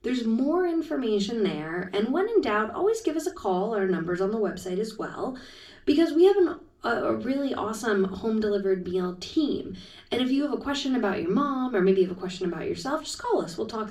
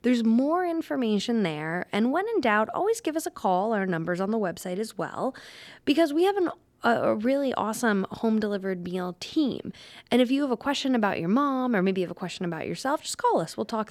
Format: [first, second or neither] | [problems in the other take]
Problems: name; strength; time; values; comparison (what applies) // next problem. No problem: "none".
second | room echo; slight; dies away in 0.3 s // off-mic speech; far